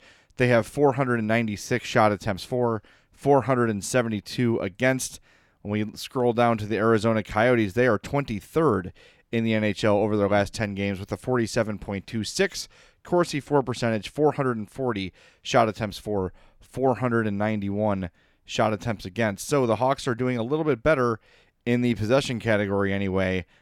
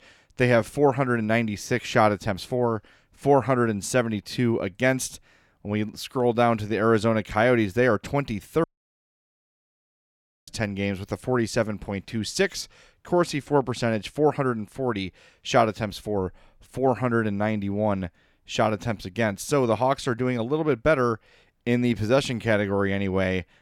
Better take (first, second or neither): first